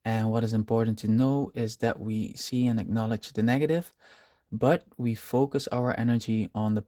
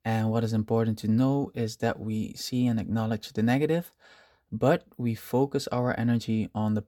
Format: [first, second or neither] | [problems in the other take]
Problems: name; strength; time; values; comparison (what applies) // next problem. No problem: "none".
second | garbled, watery; slightly; nothing above 18.5 kHz